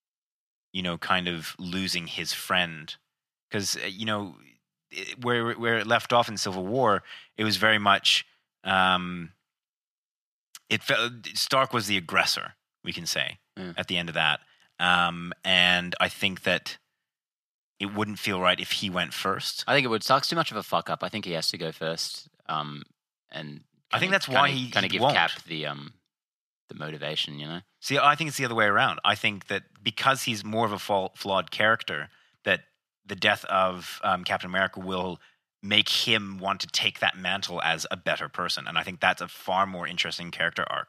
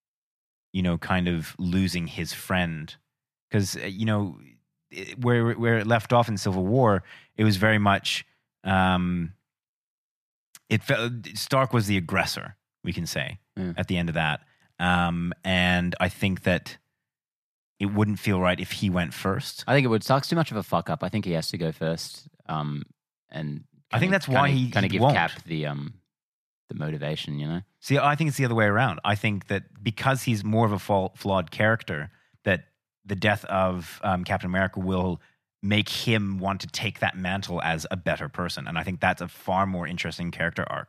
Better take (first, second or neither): second